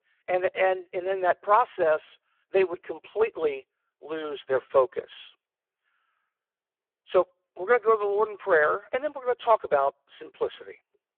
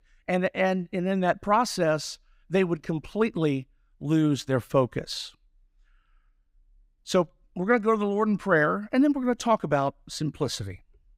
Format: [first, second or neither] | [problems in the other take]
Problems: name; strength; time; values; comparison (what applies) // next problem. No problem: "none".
second | phone-call audio; poor line